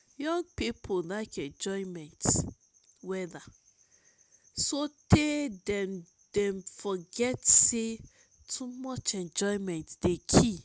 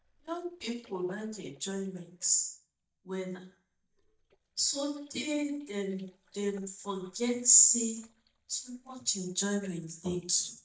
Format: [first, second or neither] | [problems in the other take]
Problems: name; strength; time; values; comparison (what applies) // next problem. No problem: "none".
first | noise reduction (neural mask model DeepFilterNet 3)